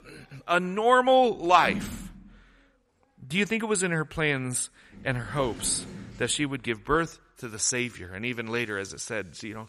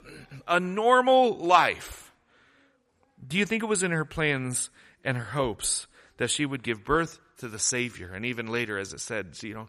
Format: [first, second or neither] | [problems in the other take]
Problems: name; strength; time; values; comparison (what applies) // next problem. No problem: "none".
second | household noises; noticeable; throughout; 15 dB below the speech